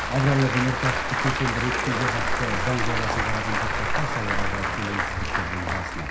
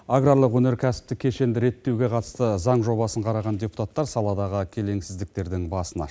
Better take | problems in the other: second | background sound (Applause / Crowd); 2 dB above the speech // room echo; dies away in 0.5 s

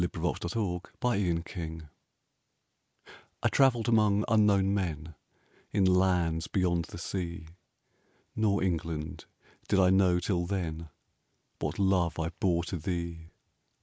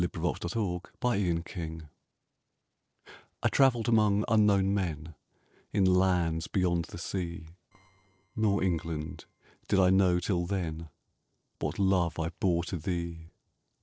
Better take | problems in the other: first | noise reduction (neural separator model SepFormer DNS4)

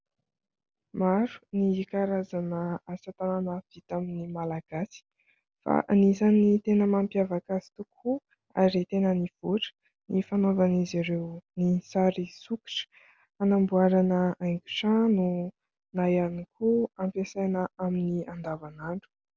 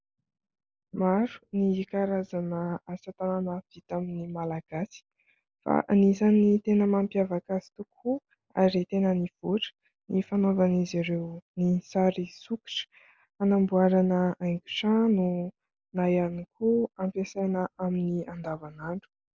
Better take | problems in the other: first | noise reduction (neural mask model Resemble Enhance denoiser)

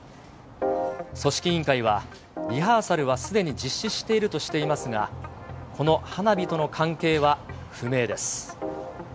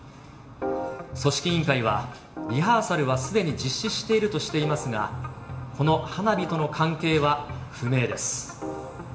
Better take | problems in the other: first | room echo; dies away in 1.1 s

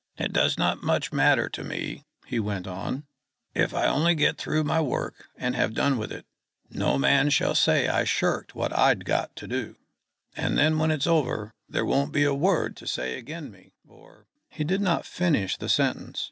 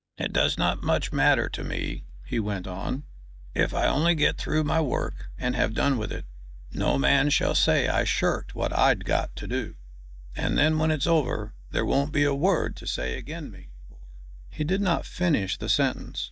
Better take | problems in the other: first | noise reduction (neural mask model DeepFilterNet 3)

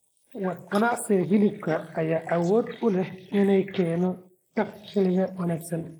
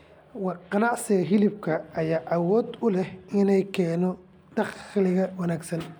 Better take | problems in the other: second | noise reduction (neural mask model Resemble Enhance denoiser)

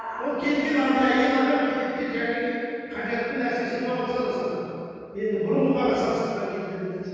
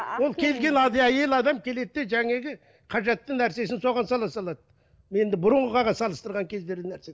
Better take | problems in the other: second | room echo; dies away in 2.1 s

